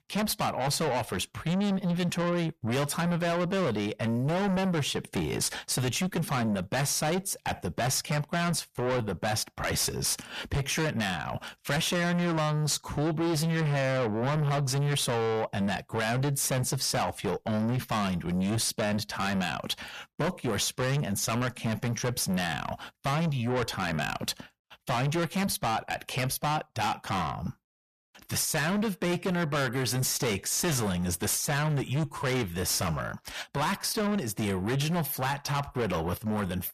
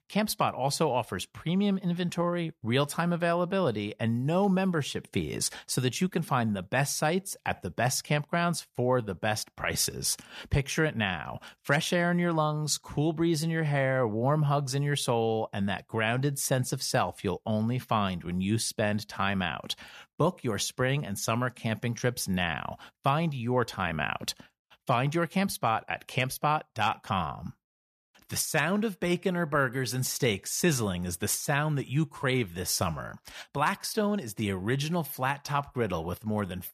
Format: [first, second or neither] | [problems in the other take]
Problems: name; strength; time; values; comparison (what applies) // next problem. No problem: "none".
second | distortion; heavy; 6 dB below the speech